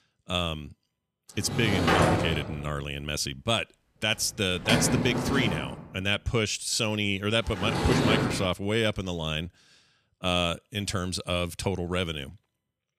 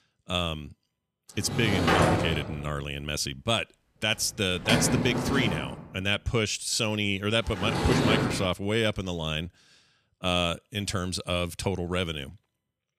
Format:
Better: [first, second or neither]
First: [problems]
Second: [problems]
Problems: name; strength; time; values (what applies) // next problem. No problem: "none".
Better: neither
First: door banging; loud; from 1.5 to 8.5 s; peak 6 dB above the speech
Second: door banging; loud; from 1.5 to 8.5 s; peak 6 dB above the speech